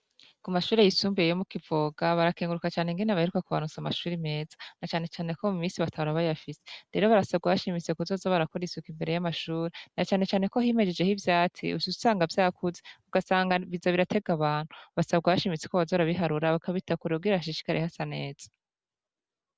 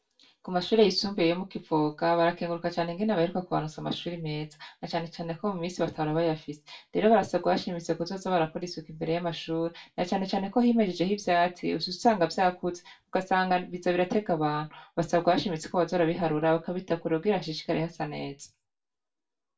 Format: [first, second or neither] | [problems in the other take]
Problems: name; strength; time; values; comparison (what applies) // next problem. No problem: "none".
first | room echo; dies away in 0.2 s